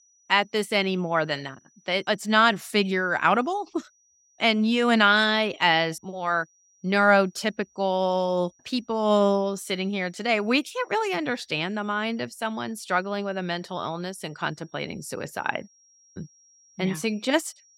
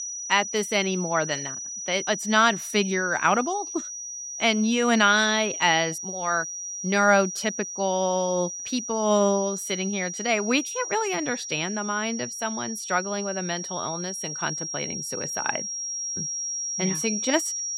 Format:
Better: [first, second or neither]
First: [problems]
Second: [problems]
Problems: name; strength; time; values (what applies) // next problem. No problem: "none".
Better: first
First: high-pitched whine; faint; throughout; 6 kHz, 35 dB below the speech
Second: high-pitched whine; loud; throughout; 6 kHz, 6 dB below the speech